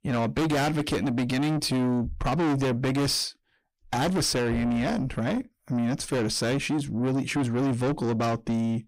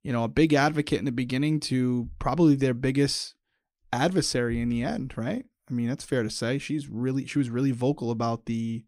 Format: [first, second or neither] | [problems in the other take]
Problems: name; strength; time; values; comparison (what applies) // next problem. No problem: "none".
second | distortion; heavy; 6 dB below the speech